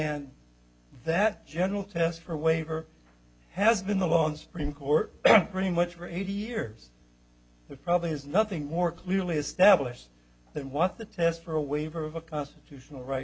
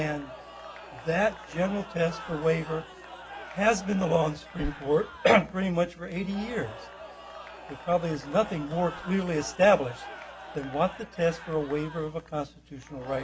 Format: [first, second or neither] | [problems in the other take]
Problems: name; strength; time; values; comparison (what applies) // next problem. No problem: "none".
first | background sound (Crowd / Cheering); 15 dB below the speech